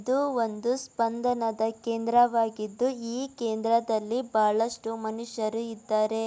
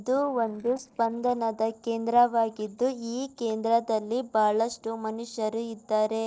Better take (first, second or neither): first